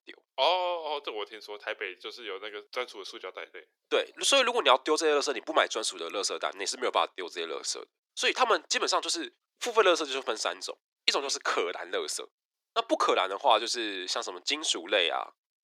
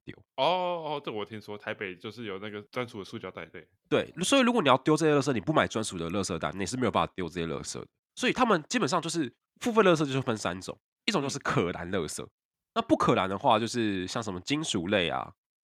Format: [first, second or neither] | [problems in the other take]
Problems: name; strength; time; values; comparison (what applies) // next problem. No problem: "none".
second | thin; very; fading below 400 Hz